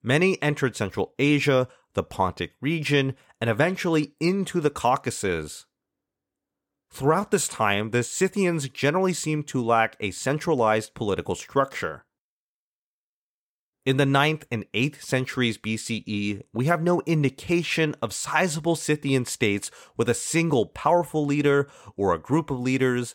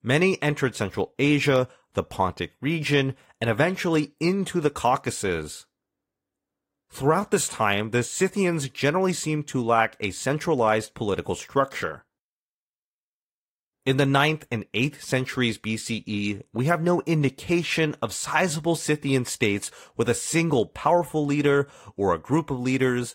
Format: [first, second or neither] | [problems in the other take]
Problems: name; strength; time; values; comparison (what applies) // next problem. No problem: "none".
first | garbled, watery; slightly; nothing above 17 kHz